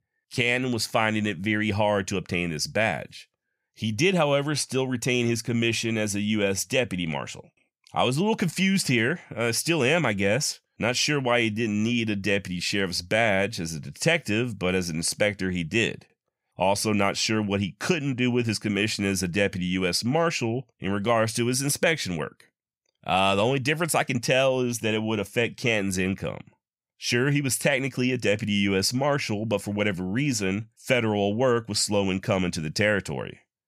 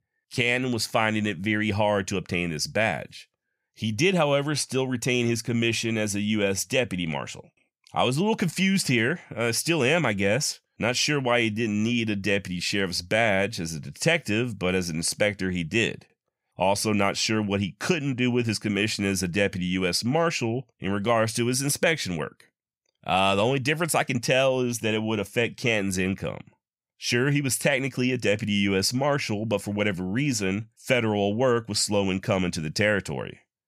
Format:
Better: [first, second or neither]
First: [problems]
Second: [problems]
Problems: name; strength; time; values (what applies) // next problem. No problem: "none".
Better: neither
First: none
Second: none